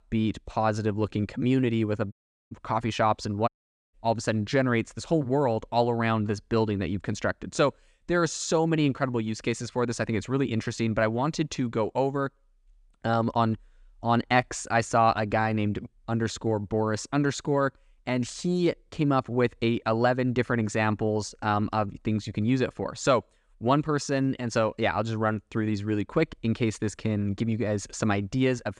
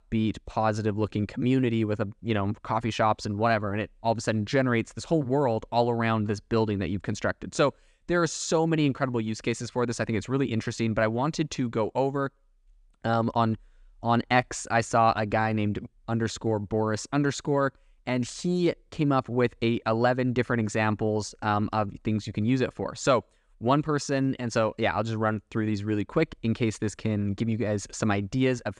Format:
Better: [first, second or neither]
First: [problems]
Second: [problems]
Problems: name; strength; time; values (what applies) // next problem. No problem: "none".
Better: second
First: audio cutting out; at 2 s and at 3.5 s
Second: none